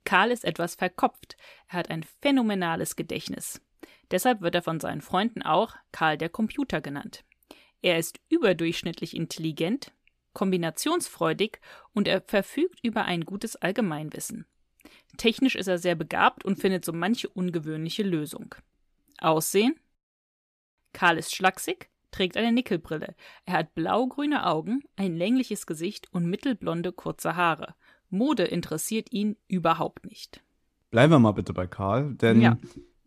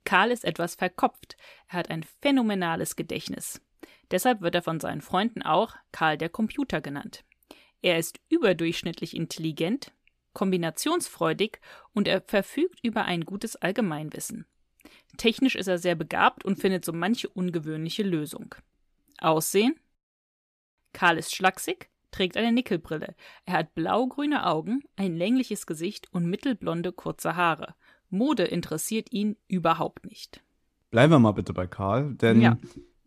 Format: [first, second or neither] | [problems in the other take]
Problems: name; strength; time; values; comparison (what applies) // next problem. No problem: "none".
neither | none